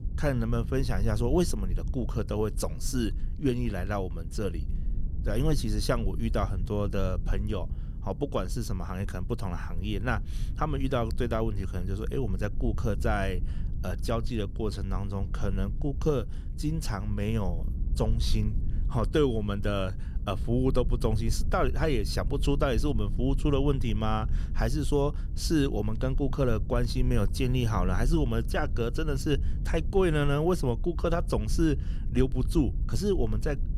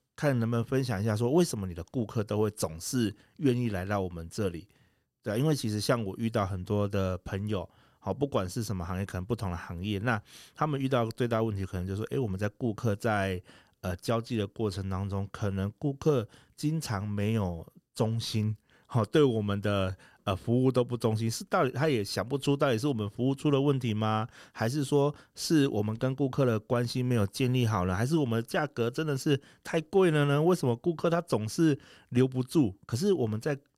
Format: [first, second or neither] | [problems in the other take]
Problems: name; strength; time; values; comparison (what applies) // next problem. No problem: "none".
second | low rumble; noticeable; throughout; 20 dB below the speech